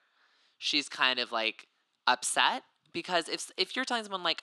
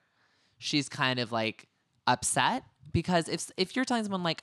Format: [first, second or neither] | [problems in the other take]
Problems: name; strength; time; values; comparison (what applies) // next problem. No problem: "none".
second | thin; somewhat; fading below 300 Hz